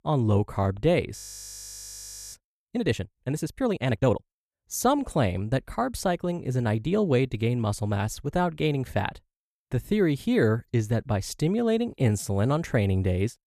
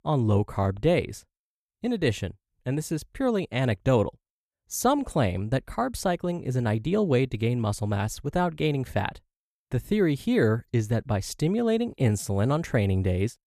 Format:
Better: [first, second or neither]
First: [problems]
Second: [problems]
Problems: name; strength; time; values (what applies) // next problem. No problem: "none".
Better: second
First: audio freezing; at 1 s for 1 s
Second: none